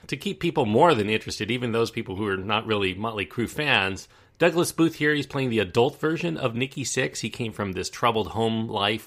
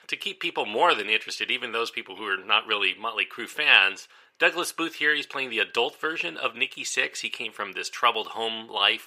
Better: first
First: none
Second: thin; very; fading below 500 Hz

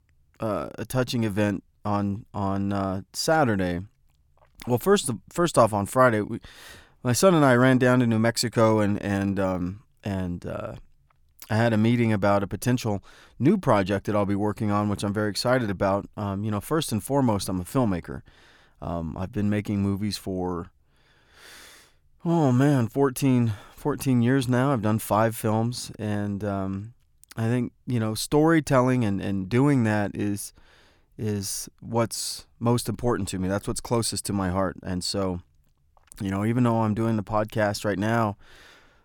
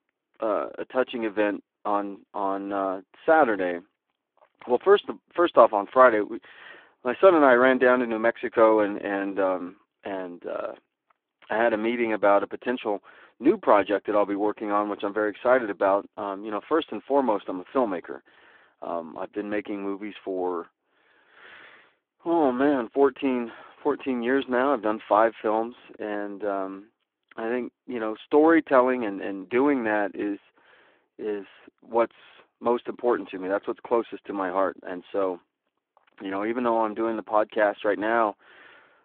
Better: first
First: none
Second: phone-call audio

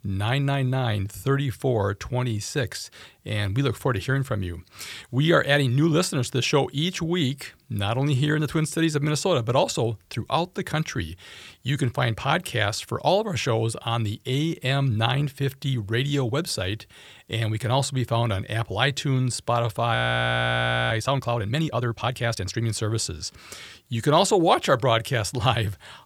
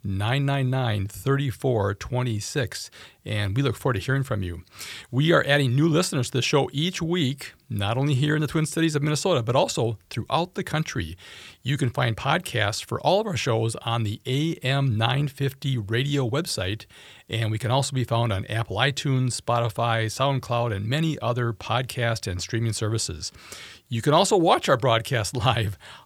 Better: second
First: audio freezing; at 20 s for 1 s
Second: none

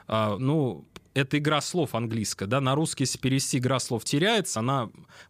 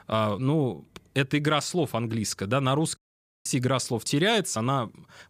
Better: first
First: none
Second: audio cutting out; at 3 s

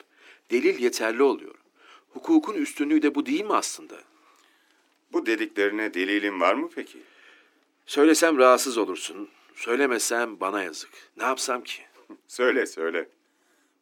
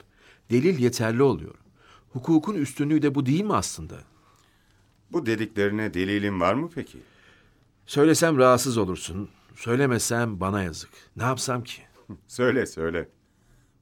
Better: second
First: thin; very slightly; fading below 300 Hz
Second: none

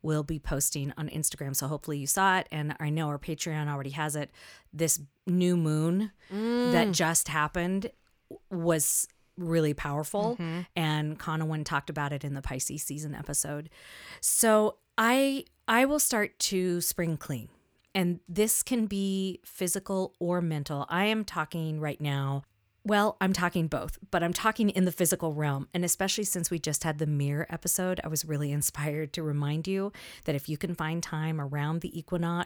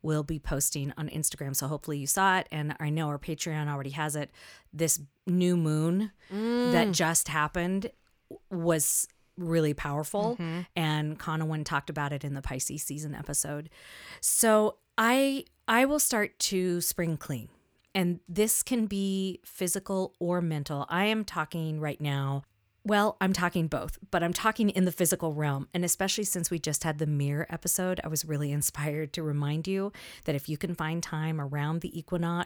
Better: neither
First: none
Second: none

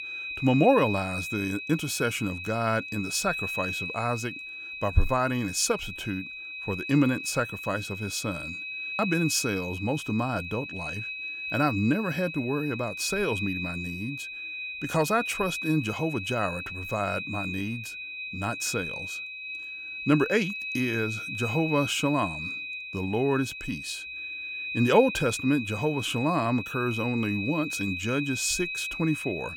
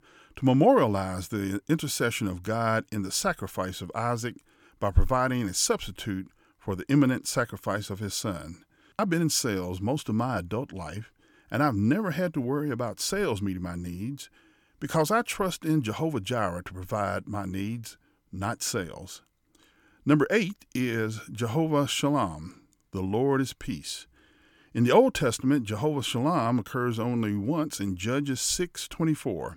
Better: second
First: high-pitched whine; loud; throughout; 2.5 kHz, 5 dB below the speech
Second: none

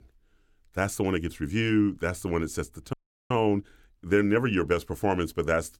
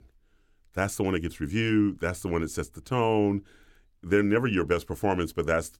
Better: second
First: audio freezing; at 3 s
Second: none

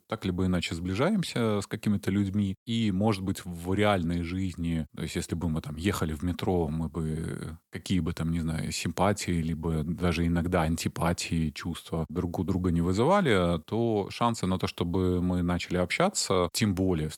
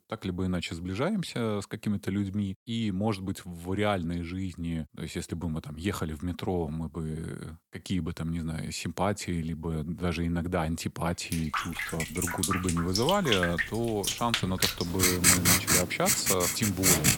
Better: first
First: none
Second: household noises; very loud; from 12 s on; 5 dB above the speech

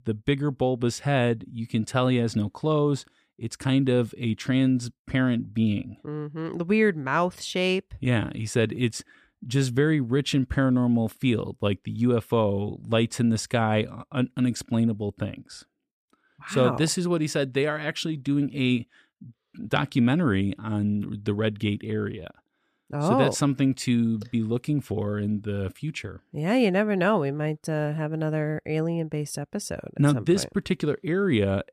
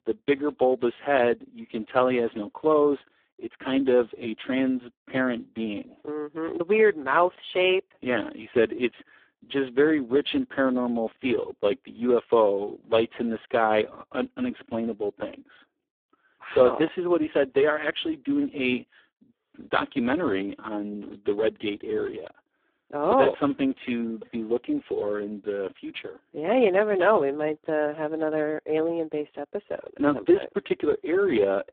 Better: first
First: none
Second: phone-call audio; poor line

